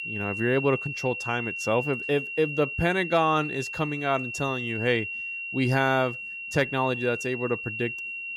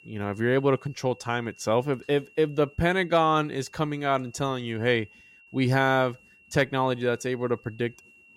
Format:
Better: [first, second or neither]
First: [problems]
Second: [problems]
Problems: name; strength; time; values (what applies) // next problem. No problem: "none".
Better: second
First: high-pitched whine; loud; throughout; 2.5 kHz, 5 dB below the speech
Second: high-pitched whine; faint; throughout; 2.5 kHz, 25 dB below the speech